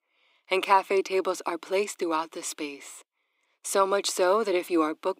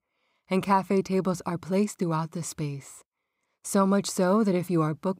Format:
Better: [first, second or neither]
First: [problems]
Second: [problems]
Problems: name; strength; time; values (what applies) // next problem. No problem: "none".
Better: second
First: thin; very; fading below 300 Hz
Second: none